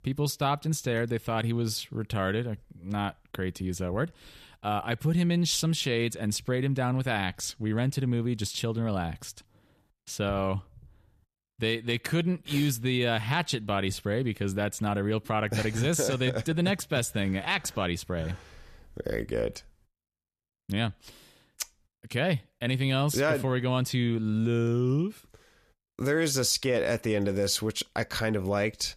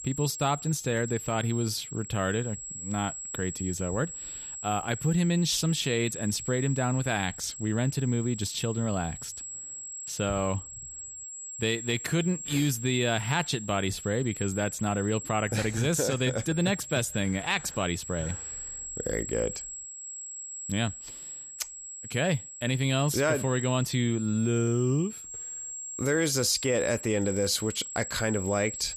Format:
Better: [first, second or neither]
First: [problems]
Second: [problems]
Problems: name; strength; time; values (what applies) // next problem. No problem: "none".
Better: first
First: none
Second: high-pitched whine; loud; throughout; 7.5 kHz, 9 dB below the speech